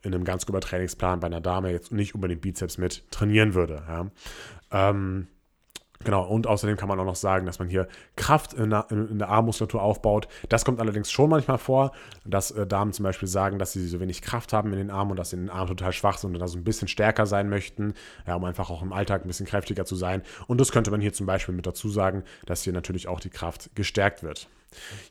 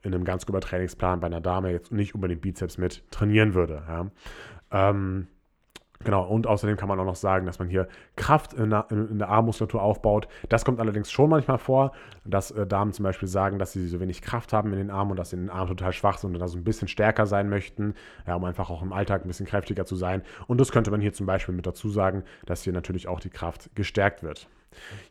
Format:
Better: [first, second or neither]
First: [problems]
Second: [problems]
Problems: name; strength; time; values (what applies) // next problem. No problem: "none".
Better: first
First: none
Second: muffled; slightly; fading above 3 kHz